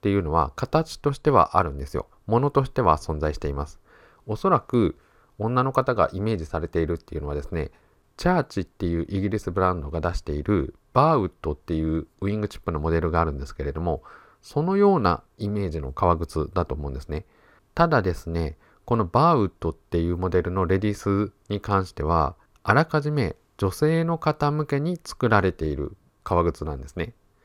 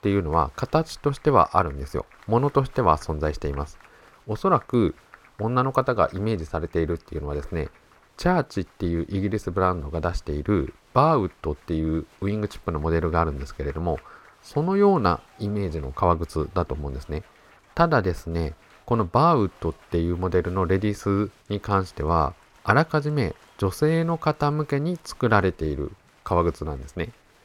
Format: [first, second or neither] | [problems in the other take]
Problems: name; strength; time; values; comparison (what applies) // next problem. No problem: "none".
first | crowd noise; faint; throughout; 30 dB below the speech